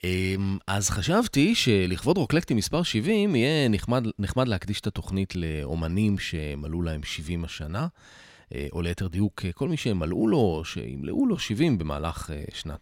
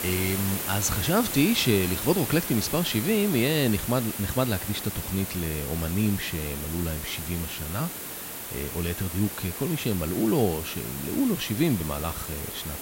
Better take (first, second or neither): first